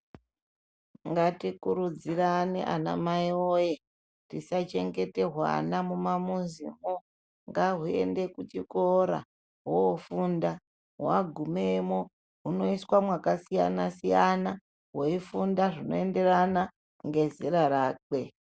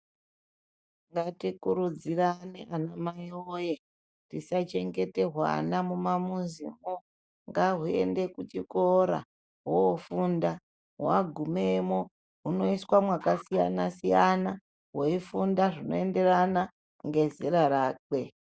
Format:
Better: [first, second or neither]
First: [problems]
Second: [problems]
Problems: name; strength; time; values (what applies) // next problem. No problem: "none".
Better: first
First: none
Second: noise reduction (neural mask model DeepFilterNet 3)